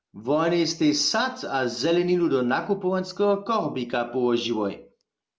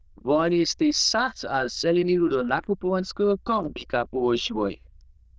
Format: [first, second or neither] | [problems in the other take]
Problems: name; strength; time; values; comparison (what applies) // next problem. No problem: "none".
first | noise reduction (neural diffusion model UNIVERSE++)